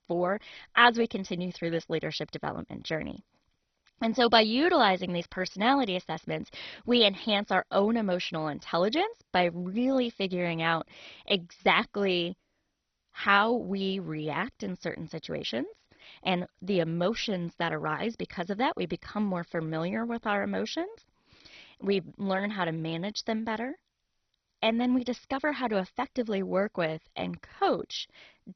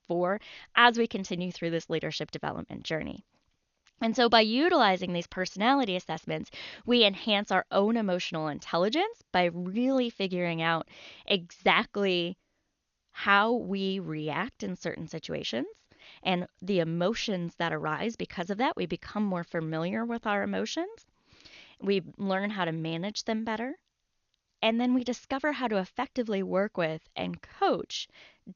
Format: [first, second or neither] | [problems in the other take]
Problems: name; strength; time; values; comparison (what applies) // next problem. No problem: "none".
second | garbled, watery; badly; nothing above 6 kHz; slightly in the second